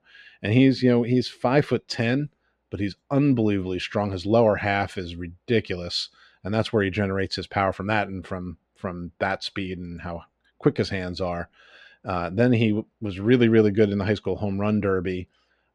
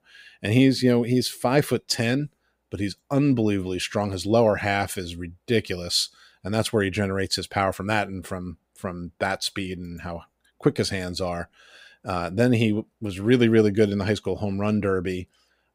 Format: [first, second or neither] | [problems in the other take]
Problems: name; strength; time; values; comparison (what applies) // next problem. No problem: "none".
second | muffled; very slightly; fading above 3.5 kHz